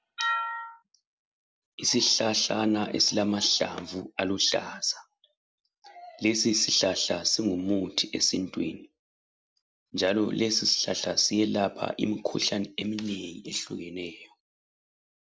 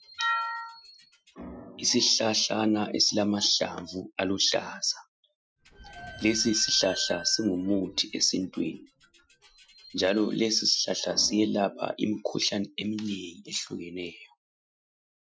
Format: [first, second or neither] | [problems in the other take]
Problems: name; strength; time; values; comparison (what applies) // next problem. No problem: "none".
first | noise reduction (classical method Wiener filter)